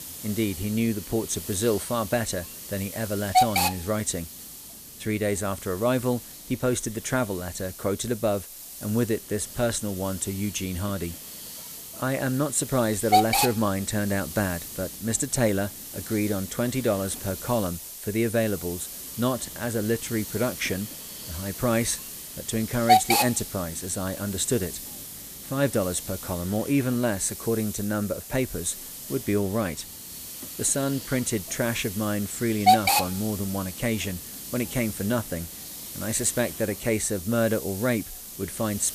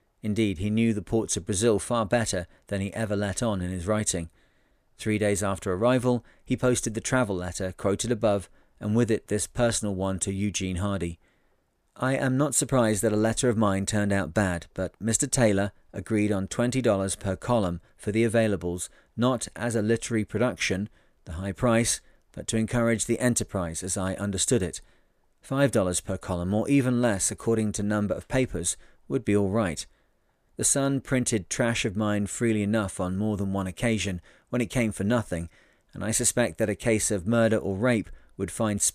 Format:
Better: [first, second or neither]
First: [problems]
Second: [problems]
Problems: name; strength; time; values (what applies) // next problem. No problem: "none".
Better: second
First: hiss; loud; throughout; 4 dB below the speech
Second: none